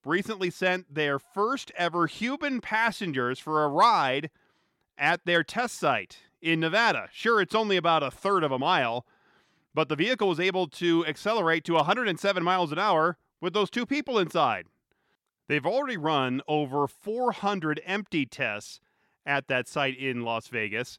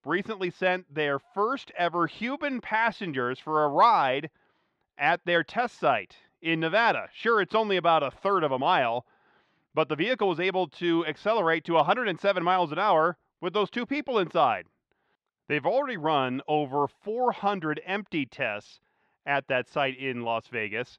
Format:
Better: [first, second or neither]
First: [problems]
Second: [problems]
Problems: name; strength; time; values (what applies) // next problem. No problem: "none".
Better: first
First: none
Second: muffled; slightly; fading above 3 kHz